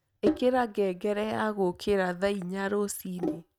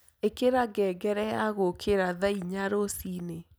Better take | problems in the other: second | noise reduction (neural mask model RNNoise)

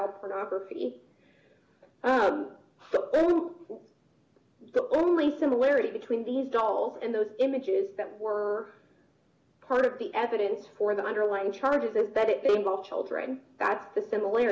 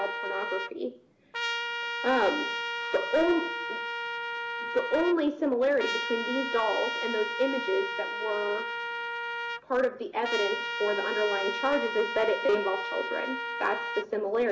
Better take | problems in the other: first | background sound (Trumpet); 4 dB below the speech

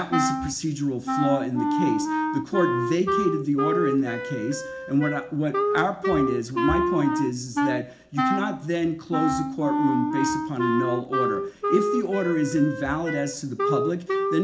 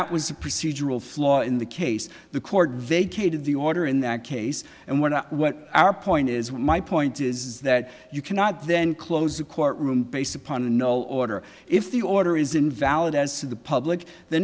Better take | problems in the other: second | background sound (Wind instrument, woodwind instrument); as loud as the speech // room echo; dies away in 0.4 s

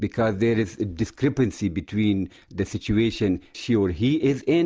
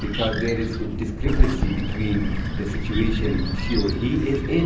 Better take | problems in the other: first | background sound (Bird); 1 dB above the speech // room echo; dies away in 0.6 s

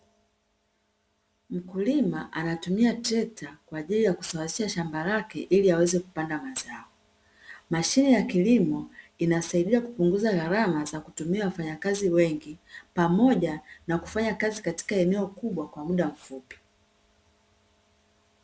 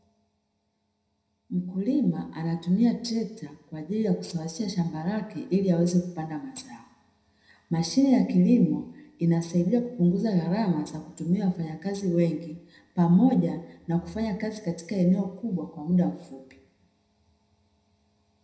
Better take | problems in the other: first | room echo; dies away in 0.8 s

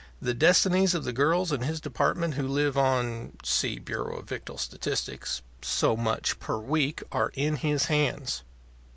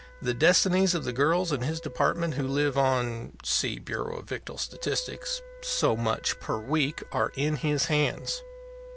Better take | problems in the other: first | background sound (Wind instrument, woodwind instrument); 19 dB below the speech

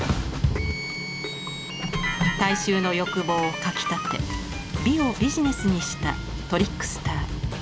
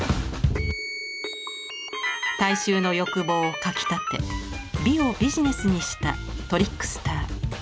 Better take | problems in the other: second | background sound (Printer); 9 dB below the speech

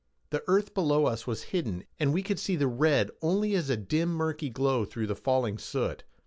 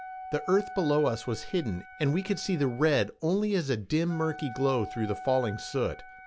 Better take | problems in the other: first | background sound (Wind instrument, woodwind instrument); 15 dB below the speech

